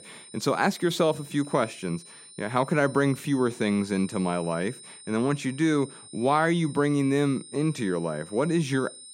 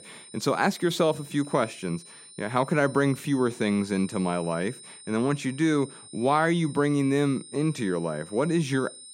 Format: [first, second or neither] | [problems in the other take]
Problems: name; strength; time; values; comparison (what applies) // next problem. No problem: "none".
neither | high-pitched whine; noticeable; throughout; 9 kHz, 20 dB below the speech; the same in both